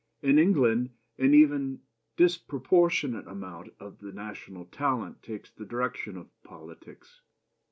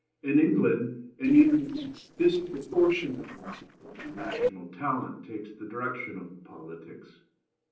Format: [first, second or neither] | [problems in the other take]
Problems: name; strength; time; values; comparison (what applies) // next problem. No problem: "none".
first | noise reduction (neural separator model SepFormer DNS4)